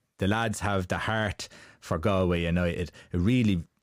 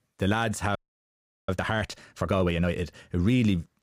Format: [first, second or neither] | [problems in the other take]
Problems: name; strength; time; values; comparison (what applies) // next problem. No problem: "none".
first | audio freezing; at 1 s for 0.5 s